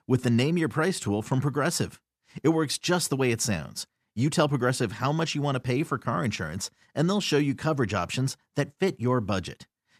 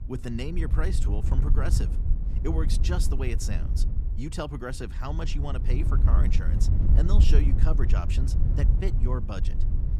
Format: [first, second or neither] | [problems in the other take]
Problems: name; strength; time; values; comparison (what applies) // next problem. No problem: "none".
first | wind noise on the microphone; heavy; 5 dB below the speech